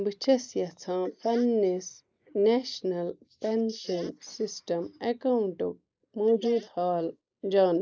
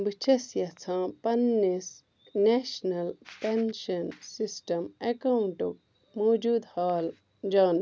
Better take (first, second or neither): second